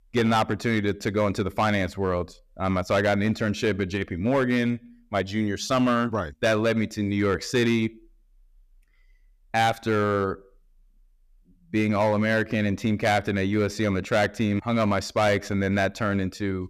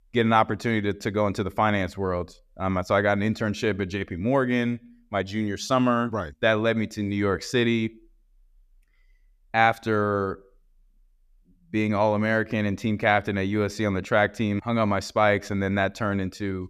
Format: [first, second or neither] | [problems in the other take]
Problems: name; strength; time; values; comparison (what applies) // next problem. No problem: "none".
second | distortion; slight; 5% of the sound clipped